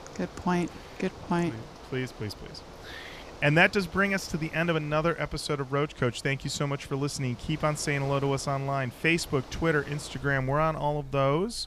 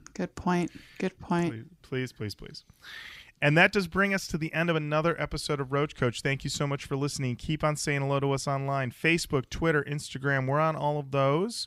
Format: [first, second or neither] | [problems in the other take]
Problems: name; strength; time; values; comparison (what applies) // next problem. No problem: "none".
second | traffic noise; noticeable; throughout; 20 dB below the speech